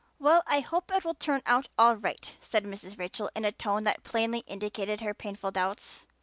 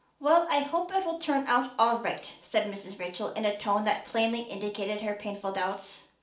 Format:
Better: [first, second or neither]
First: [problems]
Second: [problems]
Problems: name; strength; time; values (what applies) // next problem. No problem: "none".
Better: first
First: none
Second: room echo; dies away in 0.4 s